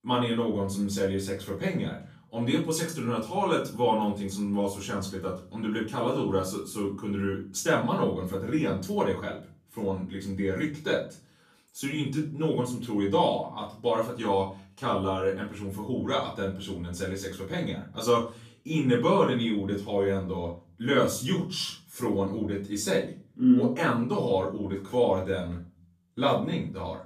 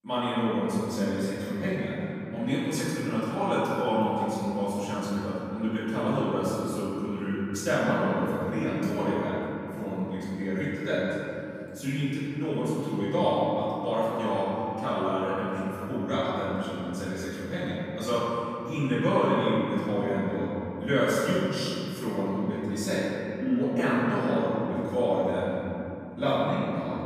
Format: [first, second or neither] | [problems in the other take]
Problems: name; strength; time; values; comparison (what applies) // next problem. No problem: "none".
first | room echo; strong; dies away in 3 s; slight in the first // off-mic speech; far; far in the first